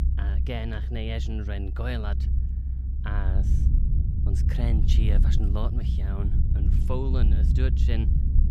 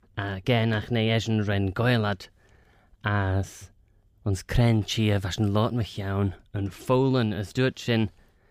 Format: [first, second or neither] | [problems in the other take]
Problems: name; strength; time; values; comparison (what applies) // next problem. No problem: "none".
second | low rumble; loud; throughout; 5 dB below the speech